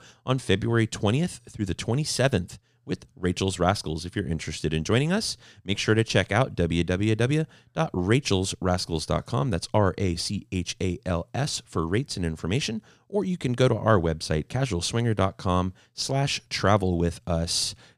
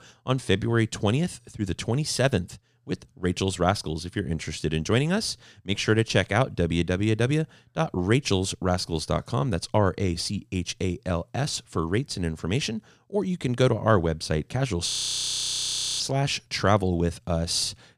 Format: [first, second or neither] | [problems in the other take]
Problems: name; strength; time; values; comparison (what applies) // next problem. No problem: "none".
first | audio freezing; at 15 s for 1 s